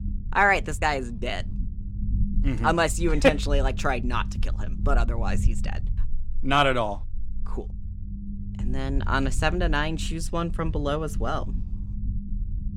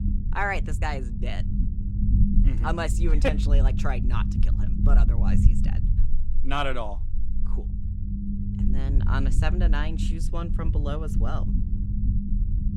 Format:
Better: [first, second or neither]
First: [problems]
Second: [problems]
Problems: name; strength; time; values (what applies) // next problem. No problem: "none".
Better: first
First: low rumble; faint; throughout; 20 dB below the speech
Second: low rumble; loud; throughout; 9 dB below the speech